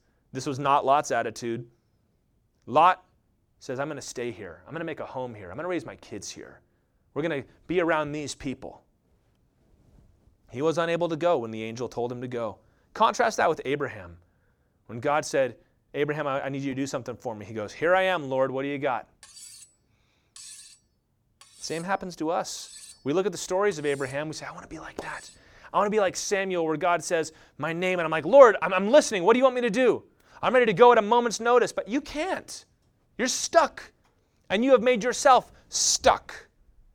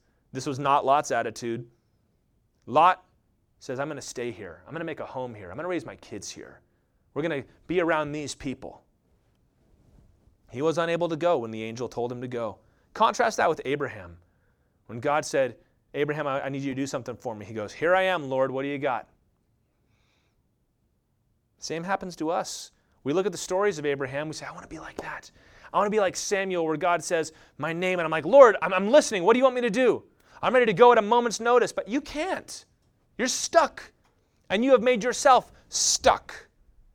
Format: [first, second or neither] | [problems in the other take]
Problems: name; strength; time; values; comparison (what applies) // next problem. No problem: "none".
second | clattering dishes; faint; from 19 to 25 s; peak 20 dB below the speech